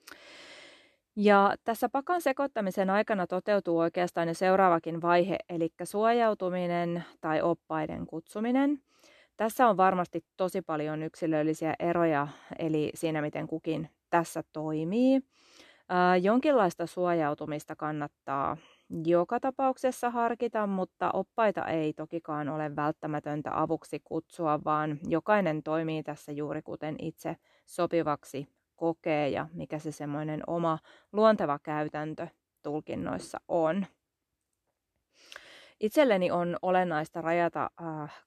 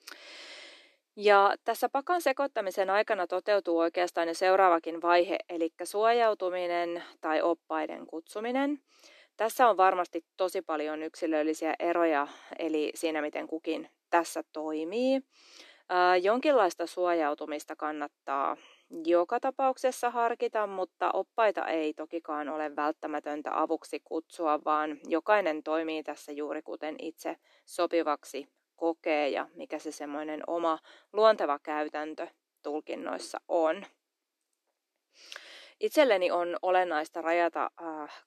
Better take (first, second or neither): first